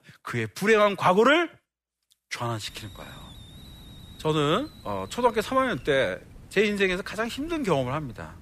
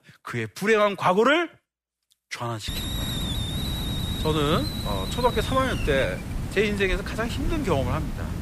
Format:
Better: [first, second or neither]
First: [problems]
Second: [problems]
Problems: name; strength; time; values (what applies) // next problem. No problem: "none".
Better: first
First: hiss; faint; from 2.5 s on; 20 dB below the speech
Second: hiss; loud; from 2.5 s on; 5 dB below the speech